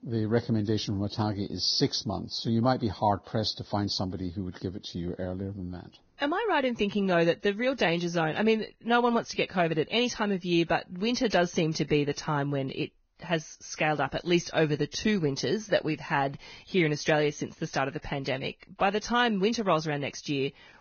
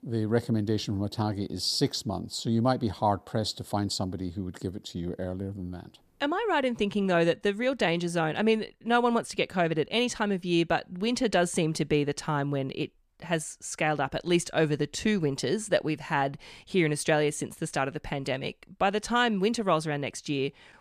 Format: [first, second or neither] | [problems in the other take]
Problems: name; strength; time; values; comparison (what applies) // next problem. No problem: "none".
second | garbled, watery; badly; nothing above 6.5 kHz